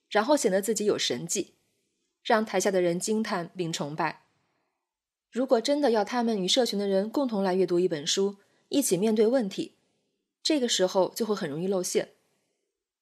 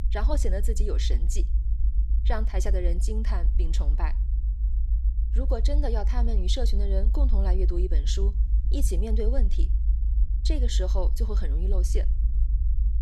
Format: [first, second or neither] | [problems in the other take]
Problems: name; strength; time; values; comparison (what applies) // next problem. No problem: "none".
first | low rumble; noticeable; throughout; 10 dB below the speech